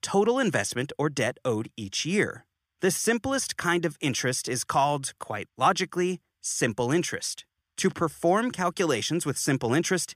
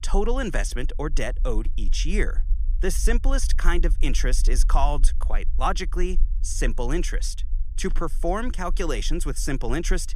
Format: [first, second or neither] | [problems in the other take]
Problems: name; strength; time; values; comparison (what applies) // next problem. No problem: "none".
first | low rumble; faint; throughout; 25 dB below the speech